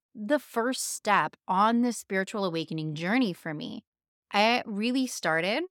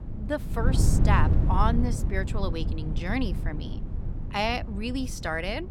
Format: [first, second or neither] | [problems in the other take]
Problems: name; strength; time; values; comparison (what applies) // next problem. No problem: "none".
first | wind noise on the microphone; occasional gusts; 10 dB below the speech